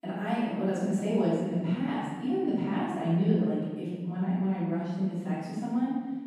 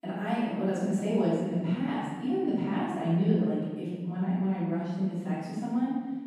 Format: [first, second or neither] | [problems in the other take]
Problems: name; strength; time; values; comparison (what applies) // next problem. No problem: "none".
neither | off-mic speech; far; the same in both // room echo; strong; dies away in 1.2 s; the same in both